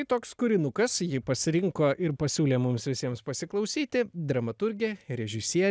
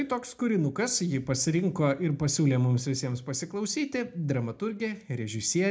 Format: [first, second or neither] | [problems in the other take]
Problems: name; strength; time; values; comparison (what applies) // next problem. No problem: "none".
first | room echo; dies away in 0.2 s